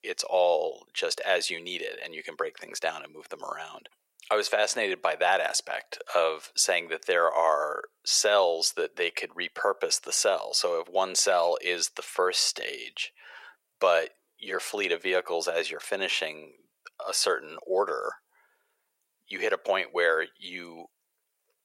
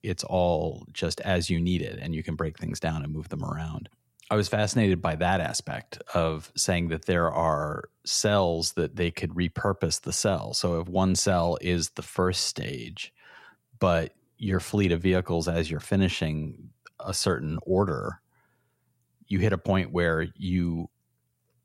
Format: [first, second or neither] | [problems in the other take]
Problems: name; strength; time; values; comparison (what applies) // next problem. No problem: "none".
second | thin; very; fading below 450 Hz